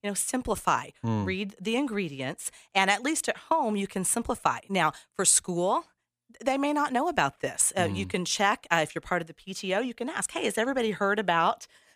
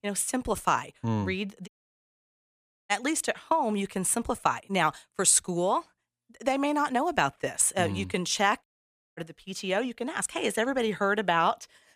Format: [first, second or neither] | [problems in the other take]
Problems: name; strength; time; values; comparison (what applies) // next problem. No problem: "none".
first | audio cutting out; at 1.5 s for 1 s and at 8.5 s for 0.5 s